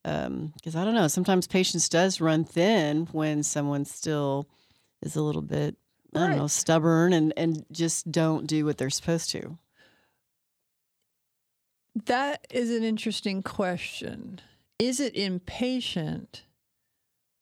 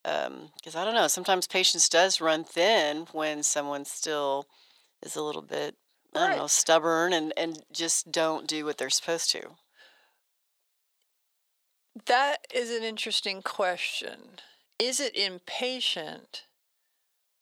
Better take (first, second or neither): first